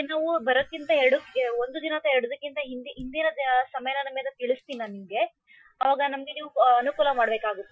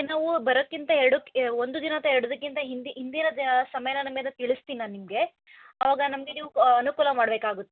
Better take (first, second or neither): second